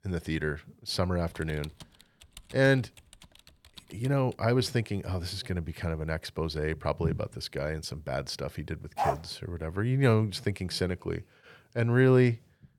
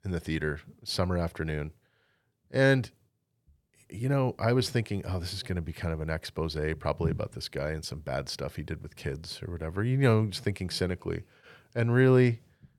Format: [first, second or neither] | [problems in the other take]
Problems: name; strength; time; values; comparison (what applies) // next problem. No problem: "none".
second | keyboard typing; faint; from 1.5 to 4.5 s; peak 20 dB below the speech // dog barking; noticeable; at 9 s; peak 1 dB below the speech